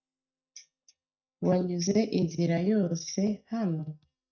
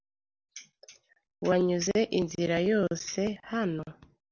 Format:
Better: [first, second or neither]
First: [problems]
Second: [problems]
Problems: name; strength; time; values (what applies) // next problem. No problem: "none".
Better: second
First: noise reduction (neural mask model DeepFilterNet 3)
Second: none